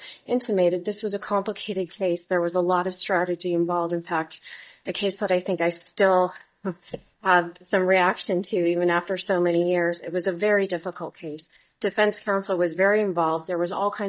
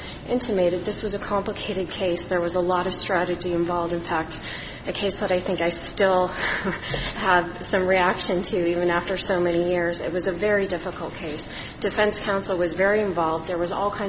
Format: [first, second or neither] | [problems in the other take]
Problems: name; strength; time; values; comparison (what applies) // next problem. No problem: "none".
second | noise reduction (neural mask model DeepFilterNet 3)